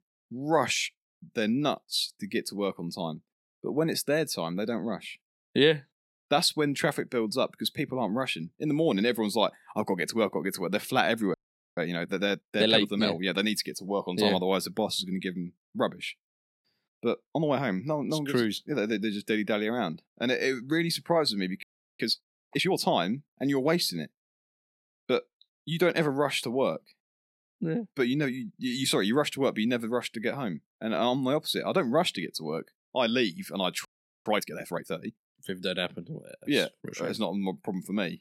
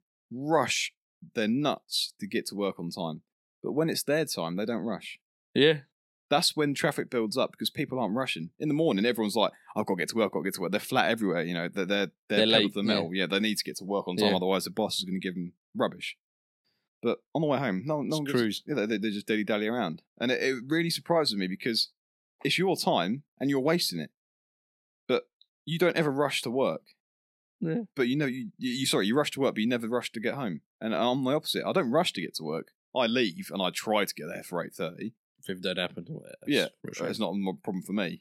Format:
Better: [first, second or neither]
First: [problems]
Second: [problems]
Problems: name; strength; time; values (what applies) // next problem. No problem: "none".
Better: second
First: audio freezing; at 11 s, at 22 s and at 34 s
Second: none